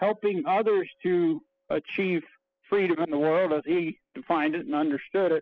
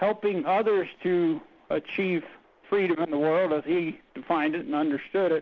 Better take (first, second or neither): second